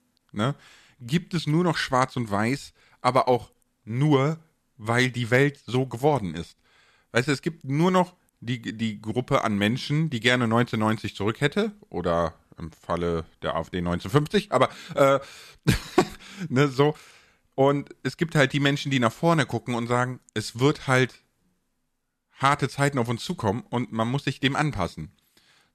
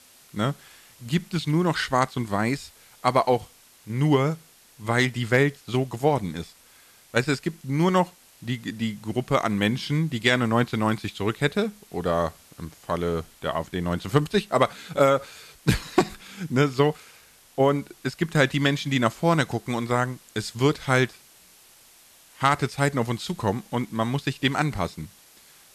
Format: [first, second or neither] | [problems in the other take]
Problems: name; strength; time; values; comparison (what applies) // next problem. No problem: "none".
first | hiss; faint; throughout; 25 dB below the speech